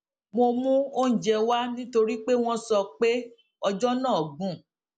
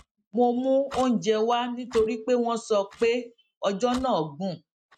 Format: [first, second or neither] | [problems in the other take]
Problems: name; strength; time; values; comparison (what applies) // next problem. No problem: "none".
first | noise reduction (neural mask model RNNoise)